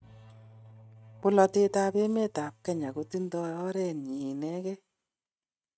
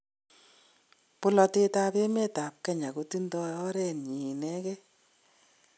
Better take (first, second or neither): second